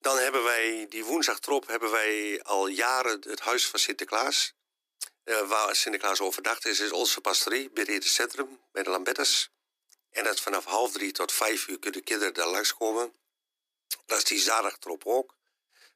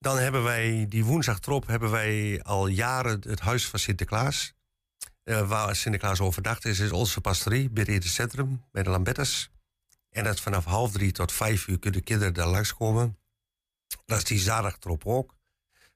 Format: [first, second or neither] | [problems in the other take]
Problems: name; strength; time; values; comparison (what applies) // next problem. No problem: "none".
second | thin; very; fading below 300 Hz